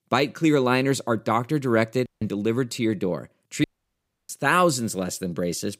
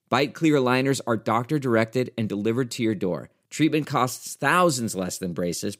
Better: second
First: audio cutting out; at 2 s and at 3.5 s for 0.5 s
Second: none

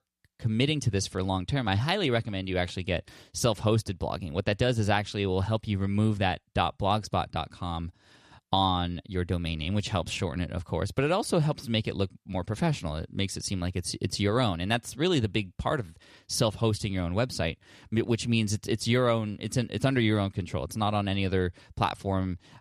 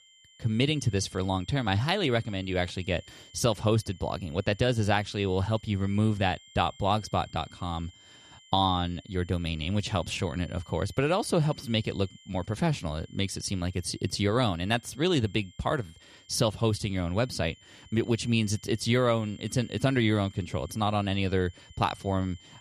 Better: first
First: none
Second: high-pitched whine; faint; throughout; 3 kHz, 25 dB below the speech

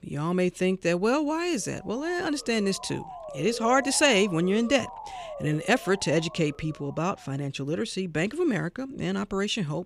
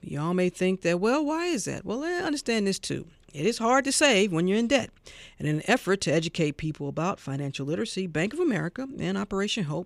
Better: second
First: siren; faint; from 1.5 to 7.5 s; peak 10 dB below the speech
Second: none

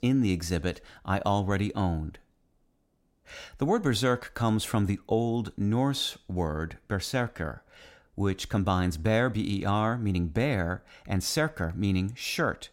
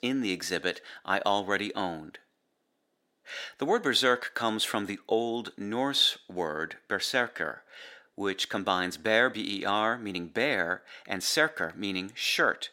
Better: first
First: none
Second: thin; somewhat; fading below 400 Hz

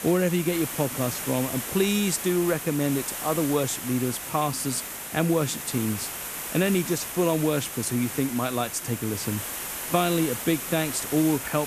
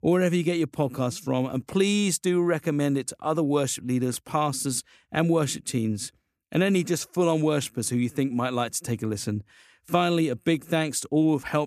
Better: second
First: hiss; loud; throughout; 6 dB below the speech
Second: none

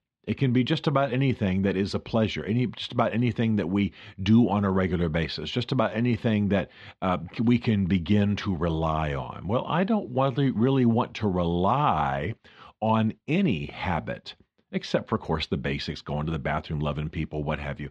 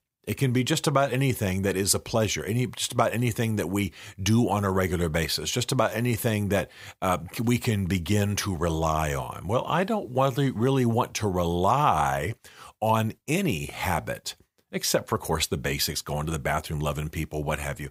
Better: second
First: muffled; slightly; fading above 3.5 kHz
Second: none

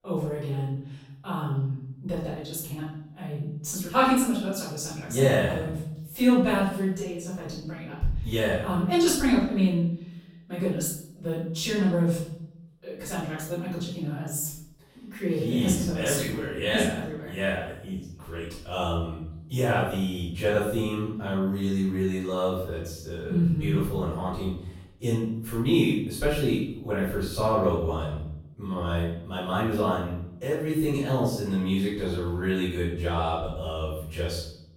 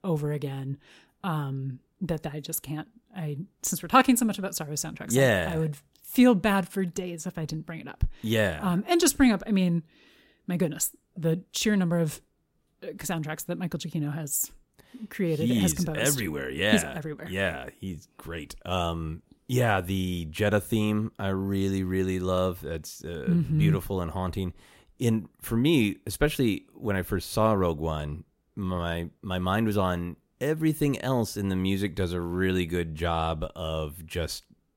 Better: second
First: off-mic speech; far // room echo; noticeable; dies away in 0.6 s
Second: none

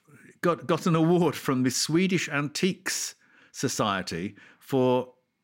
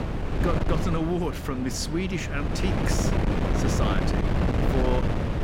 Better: first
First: none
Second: wind noise on the microphone; heavy; as loud as the speech

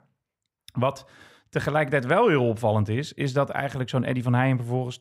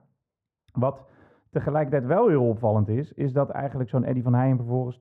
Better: first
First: none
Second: muffled; very; fading above 2 kHz

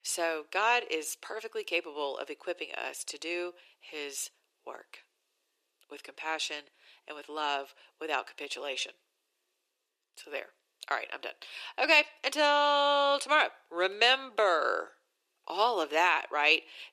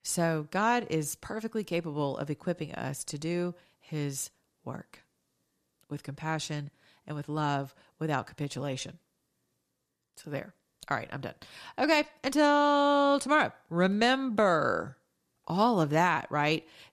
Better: second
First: thin; very; fading below 350 Hz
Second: none

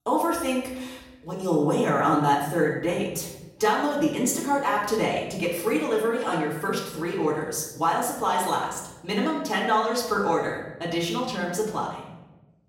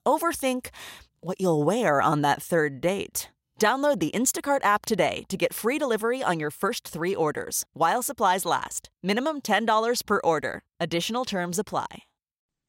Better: second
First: room echo; noticeable; dies away in 0.9 s // off-mic speech; far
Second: none

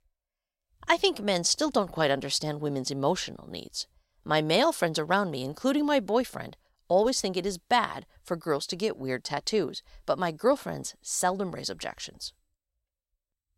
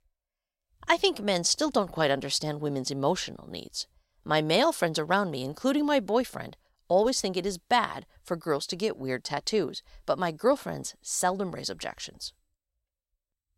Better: neither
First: none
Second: none

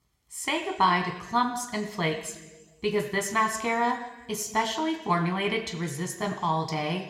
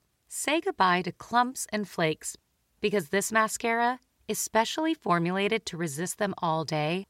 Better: second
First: room echo; slight; dies away in 1.1 s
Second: none

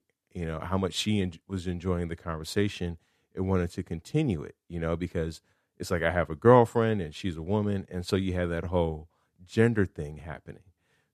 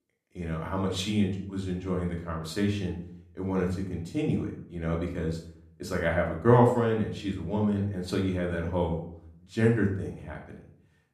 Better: first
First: none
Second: room echo; slight; dies away in 0.5 s // off-mic speech; somewhat distant

